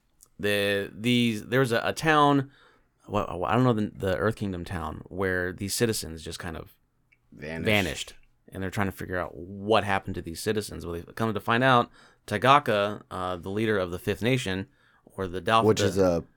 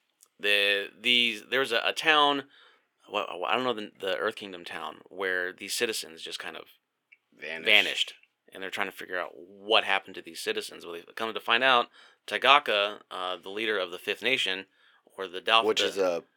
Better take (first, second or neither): first